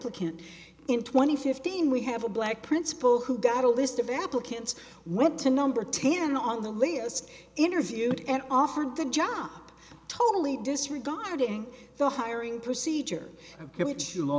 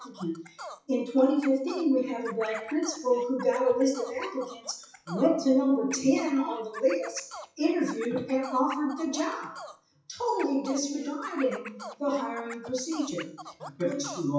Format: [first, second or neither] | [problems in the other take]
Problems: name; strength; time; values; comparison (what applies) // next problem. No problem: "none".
first | noise reduction (classical method WPE with log-MMSE)